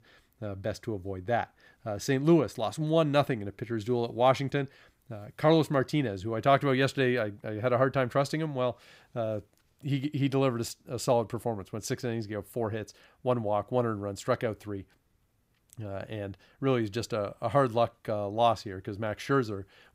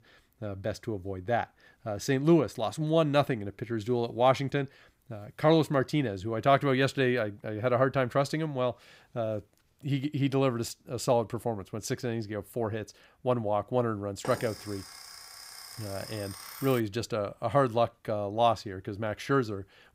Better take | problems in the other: first | alarm; faint; from 14 to 17 s; peak 10 dB below the speech

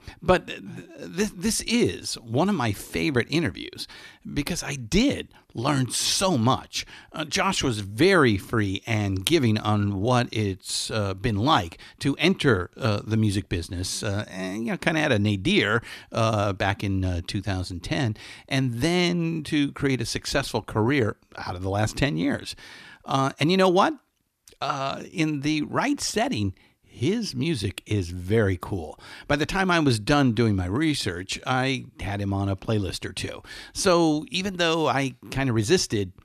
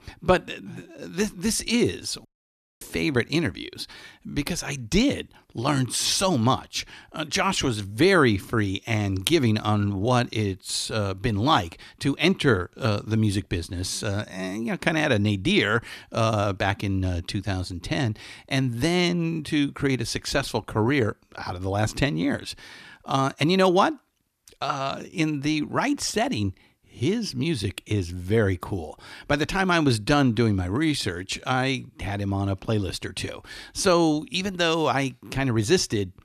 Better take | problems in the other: first | audio cutting out; at 2.5 s for 0.5 s

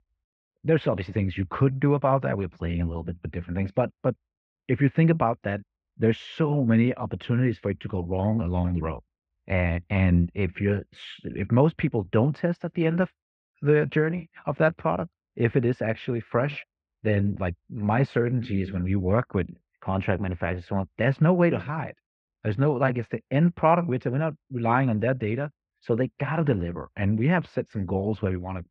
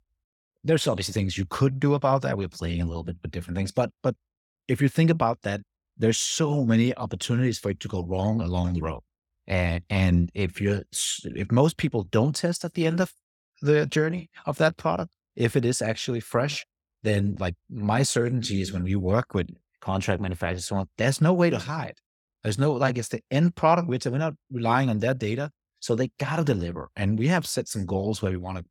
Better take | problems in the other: second | muffled; very; fading above 2.5 kHz

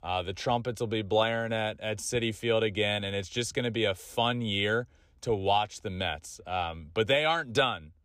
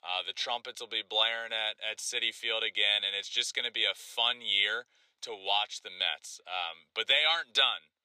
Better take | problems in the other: first | thin; very; fading below 750 Hz

